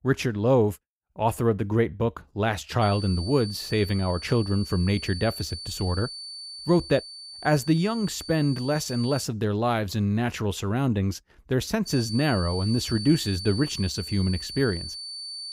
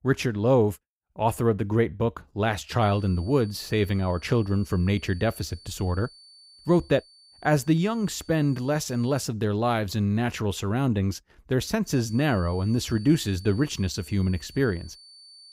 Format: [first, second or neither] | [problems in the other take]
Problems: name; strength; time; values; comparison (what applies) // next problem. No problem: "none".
second | high-pitched whine; loud; from 3 to 9 s and from 12 s on; 4.5 kHz, 10 dB below the speech; faint in the second